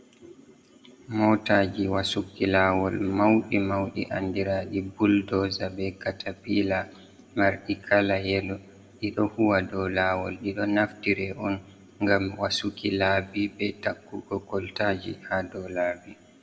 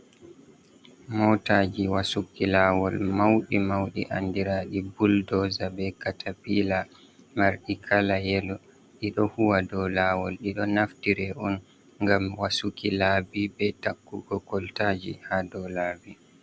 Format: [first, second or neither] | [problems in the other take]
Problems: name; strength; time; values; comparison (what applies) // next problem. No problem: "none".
second | room echo; dies away in 0.6 s